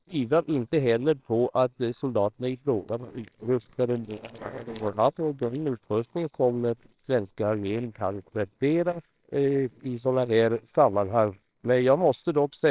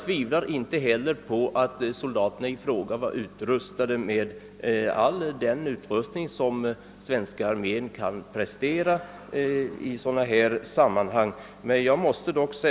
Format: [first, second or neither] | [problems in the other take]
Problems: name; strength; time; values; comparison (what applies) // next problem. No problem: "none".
second | noise reduction (neural separator model SepFormer WHAMR!)